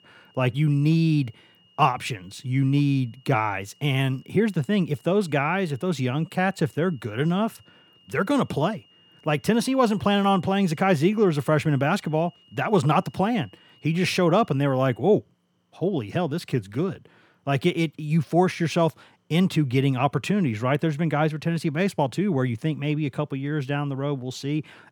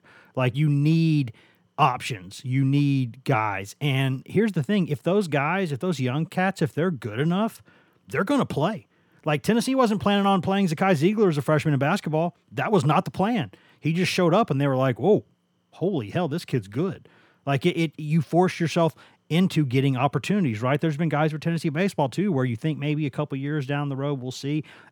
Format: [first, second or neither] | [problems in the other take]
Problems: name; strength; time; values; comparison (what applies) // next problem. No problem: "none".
second | high-pitched whine; faint; until 15 s; 3 kHz, 30 dB below the speech